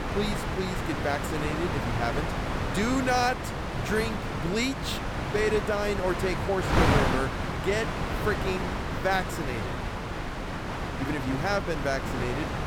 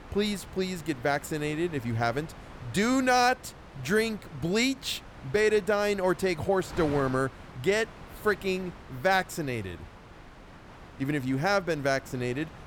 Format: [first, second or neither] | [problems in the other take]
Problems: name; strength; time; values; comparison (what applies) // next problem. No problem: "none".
second | wind noise on the microphone; heavy; 1 dB below the speech; occasional gusts in the second